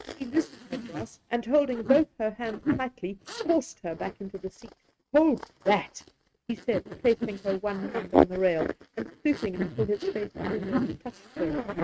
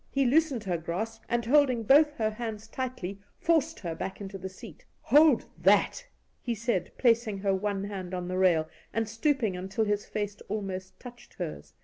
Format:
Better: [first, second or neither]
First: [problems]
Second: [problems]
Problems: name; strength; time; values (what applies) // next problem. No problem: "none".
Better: second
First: noise reduction (neural mask model RNNoise)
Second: none